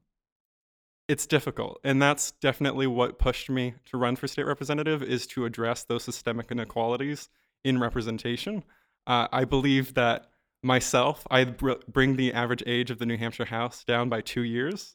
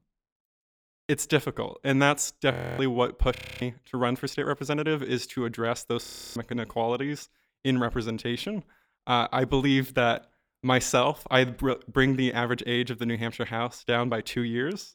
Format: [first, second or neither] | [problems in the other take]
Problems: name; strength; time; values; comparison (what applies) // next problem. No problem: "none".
first | audio freezing; at 2.5 s, at 3.5 s and at 6 s